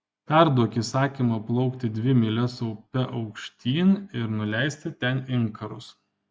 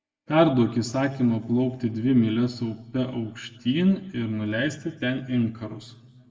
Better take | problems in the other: first | room echo; dies away in 1.2 s

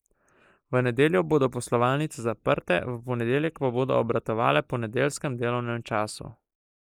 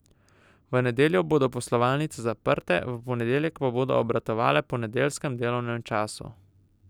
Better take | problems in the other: second | noise reduction (neural mask model Resemble Enhance denoiser)

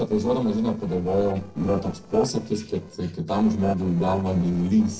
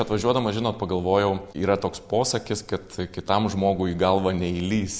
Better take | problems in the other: second | noise reduction (neural separator model SepFormer DNS4)

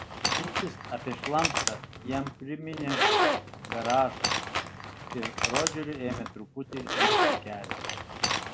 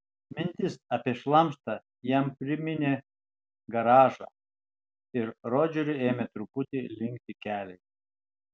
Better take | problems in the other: second | background sound (Zipper (clothing)); 4 dB above the speech

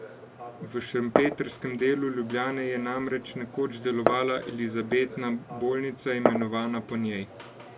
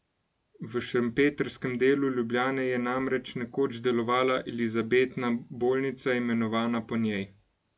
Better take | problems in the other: second | background sound (Glass); 5 dB below the speech

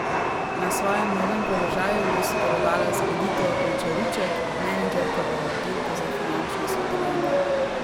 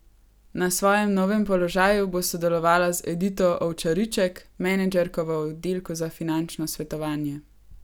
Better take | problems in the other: second | background sound (Chatter / Subway, metro, underground); 5 dB above the speech

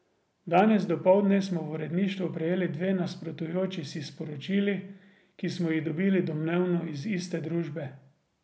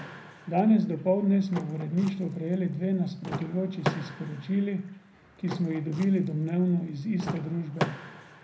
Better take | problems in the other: first | background sound (Door / Car); 11 dB below the speech // room echo; dies away in 0.4 s

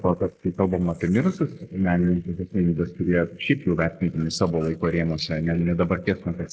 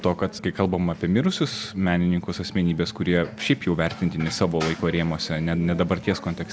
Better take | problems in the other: second | noise reduction (neural mask model Resemble Enhance denoiser)

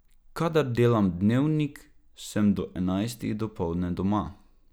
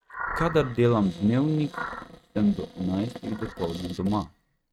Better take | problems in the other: first | noise reduction (neural mask model RNNoise)

